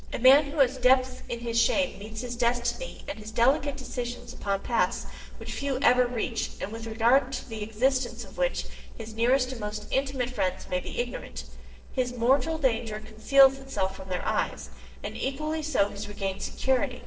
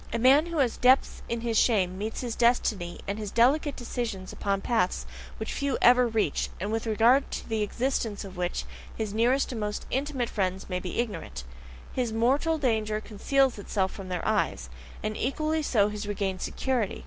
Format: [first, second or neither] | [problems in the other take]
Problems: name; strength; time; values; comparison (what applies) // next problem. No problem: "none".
second | noise reduction (neural separator model SepFormer DNS4)